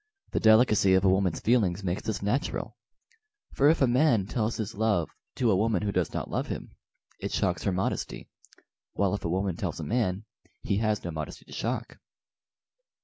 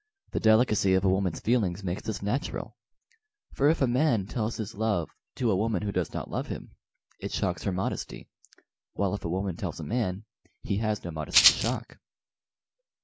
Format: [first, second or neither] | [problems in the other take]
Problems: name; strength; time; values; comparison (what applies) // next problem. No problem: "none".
first | background sound (Rattle (instrument)); 5 dB above the speech